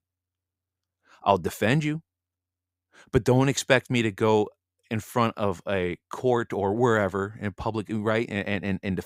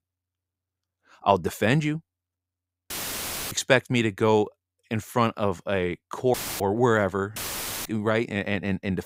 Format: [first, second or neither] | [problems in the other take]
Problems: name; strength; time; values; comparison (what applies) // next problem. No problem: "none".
first | audio cutting out; filled with static; at 3 s for 0.5 s, at 6.5 s and at 7.5 s for 0.5 s